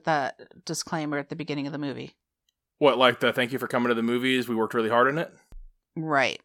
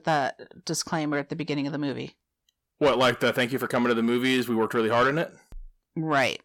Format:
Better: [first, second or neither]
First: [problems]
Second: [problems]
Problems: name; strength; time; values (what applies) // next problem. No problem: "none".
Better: first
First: none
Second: distortion; slight; 10 dB below the speech